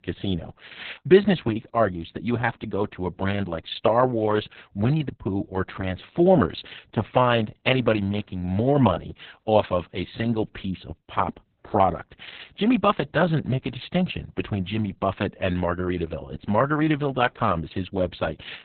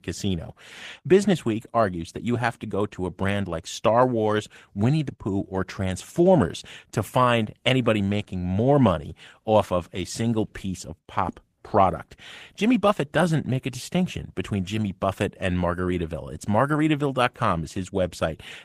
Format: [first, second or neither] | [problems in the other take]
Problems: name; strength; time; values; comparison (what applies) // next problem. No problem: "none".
second | garbled, watery; badly; nothing above 4 kHz; slightly in the second